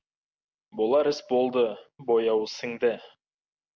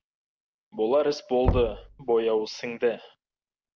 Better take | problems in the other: first | background sound (Knock / Wood); 6 dB below the speech

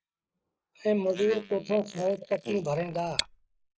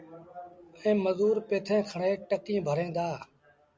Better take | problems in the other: second | noise reduction (neural mask model Resemble Enhance denoiser)

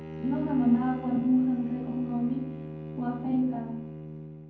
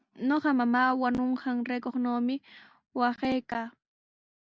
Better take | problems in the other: second | background sound (Bowed string instrument); 10 dB below the speech // room echo; dies away in 0.9 s

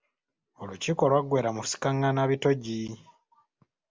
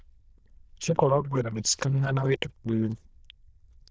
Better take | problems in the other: first | noise reduction (neural diffusion model UNIVERSE++)

